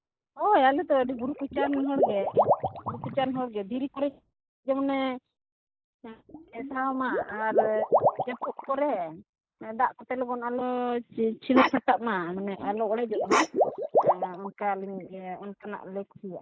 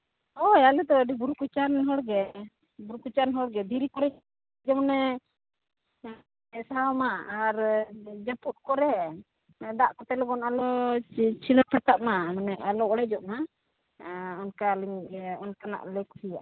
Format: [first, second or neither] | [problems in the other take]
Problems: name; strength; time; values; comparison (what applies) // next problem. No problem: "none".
second | noise reduction (neural mask model Resemble Enhance denoiser)